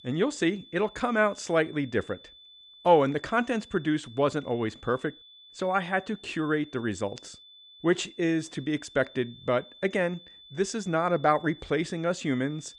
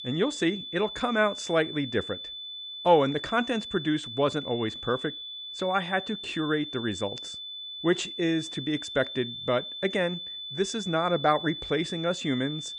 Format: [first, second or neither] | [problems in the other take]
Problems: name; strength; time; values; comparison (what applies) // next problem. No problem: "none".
first | high-pitched whine; loud; throughout; 3.5 kHz, 8 dB below the speech; faint in the first